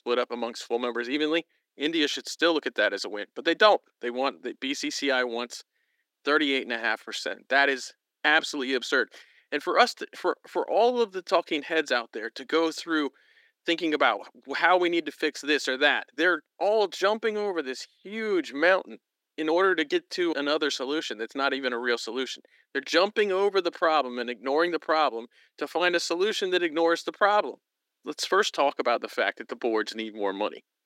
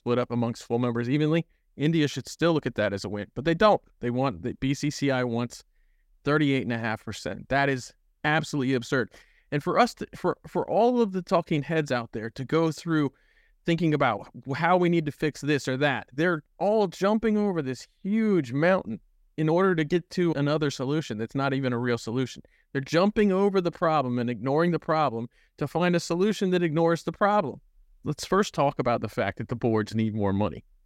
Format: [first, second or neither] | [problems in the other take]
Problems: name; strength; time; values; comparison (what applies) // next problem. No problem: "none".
second | thin; somewhat; fading below 300 Hz